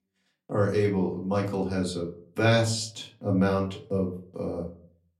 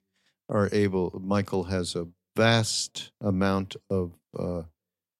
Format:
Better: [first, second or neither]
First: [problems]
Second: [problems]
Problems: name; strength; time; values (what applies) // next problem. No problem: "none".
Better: second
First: off-mic speech; far // room echo; very slight; dies away in 0.4 s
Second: none